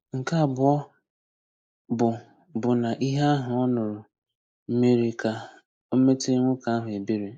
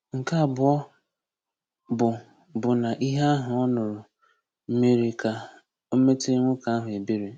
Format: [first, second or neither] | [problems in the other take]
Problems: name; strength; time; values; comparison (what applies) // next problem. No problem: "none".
second | noise reduction (neural mask model Resemble Enhance denoiser)